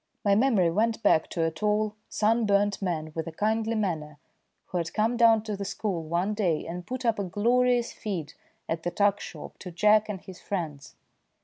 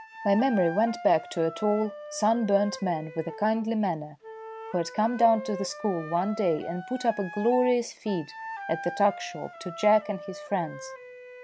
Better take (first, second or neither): first